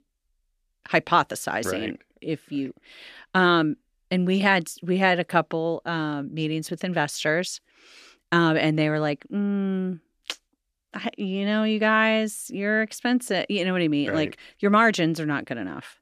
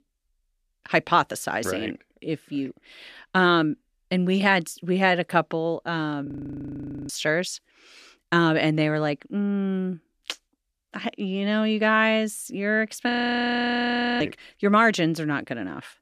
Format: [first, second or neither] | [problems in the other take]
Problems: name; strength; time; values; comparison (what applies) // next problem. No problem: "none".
first | audio freezing; at 6.5 s for 1 s and at 13 s for 1 s